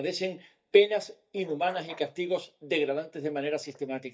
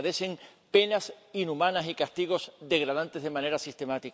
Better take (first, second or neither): second